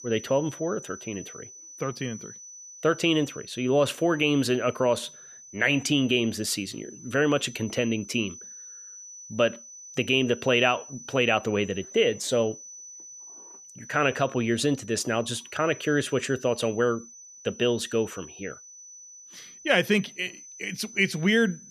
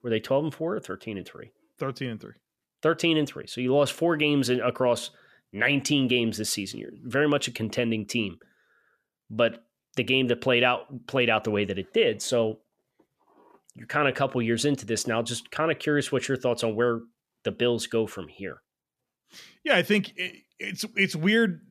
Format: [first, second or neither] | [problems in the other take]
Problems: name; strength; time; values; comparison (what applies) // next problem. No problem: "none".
second | high-pitched whine; noticeable; throughout; 6 kHz, 15 dB below the speech